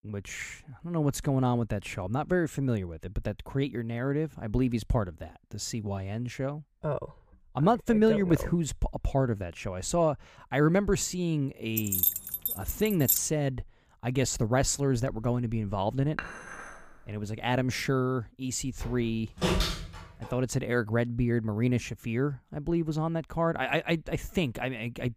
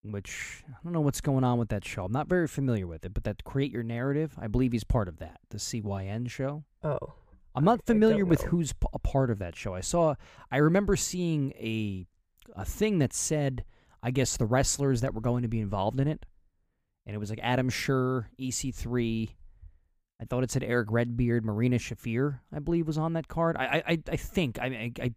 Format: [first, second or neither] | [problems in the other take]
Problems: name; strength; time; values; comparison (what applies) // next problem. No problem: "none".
second | jangling keys; loud; from 12 to 13 s; peak 5 dB above the speech // clattering dishes; noticeable; at 16 s; peak 8 dB below the speech // door banging; loud; from 19 to 20 s; peak 2 dB above the speech